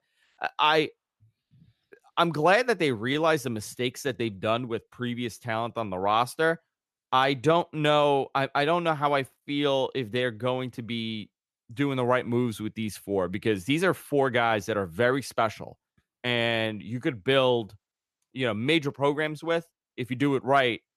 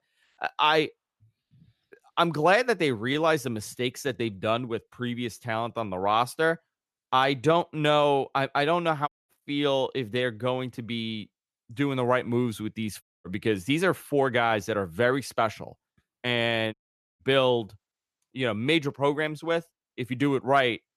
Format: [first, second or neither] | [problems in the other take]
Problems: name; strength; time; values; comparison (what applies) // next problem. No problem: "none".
first | audio cutting out; at 9 s, at 13 s and at 17 s